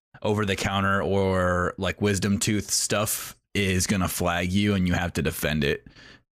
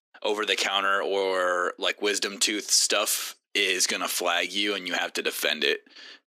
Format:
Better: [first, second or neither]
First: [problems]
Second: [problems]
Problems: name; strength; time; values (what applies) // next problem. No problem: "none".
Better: first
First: none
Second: thin; very; fading below 300 Hz